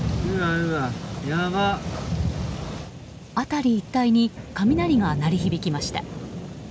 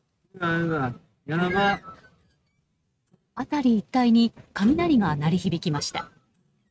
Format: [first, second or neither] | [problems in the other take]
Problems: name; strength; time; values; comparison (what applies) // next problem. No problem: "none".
first | noise reduction (neural mask model RNNoise)